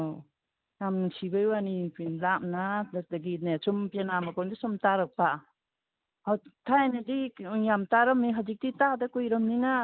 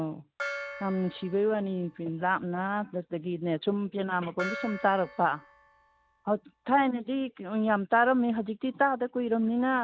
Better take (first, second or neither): first